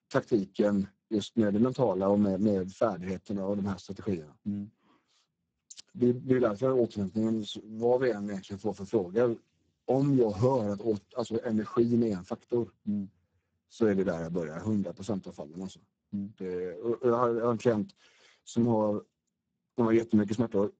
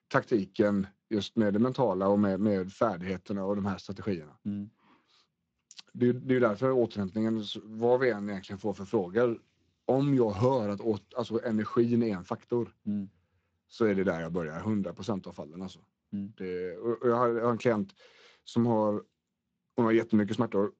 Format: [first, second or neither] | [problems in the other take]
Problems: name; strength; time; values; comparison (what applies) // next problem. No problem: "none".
second | garbled, watery; badly; nothing above 7.5 kHz; slightly in the second